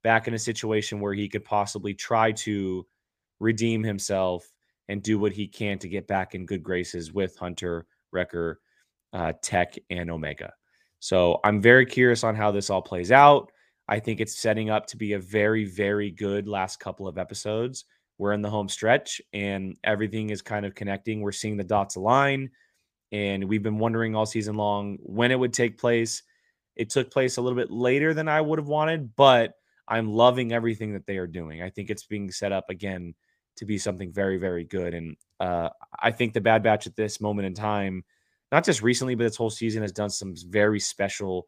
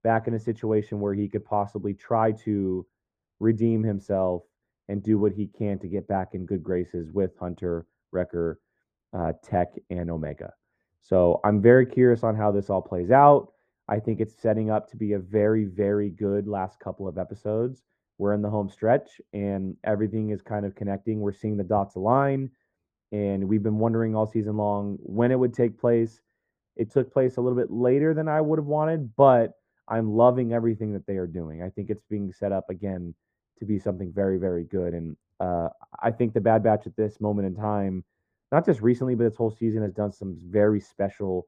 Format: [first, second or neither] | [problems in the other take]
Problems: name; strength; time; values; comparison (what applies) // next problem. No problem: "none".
first | muffled; very; fading above 1.5 kHz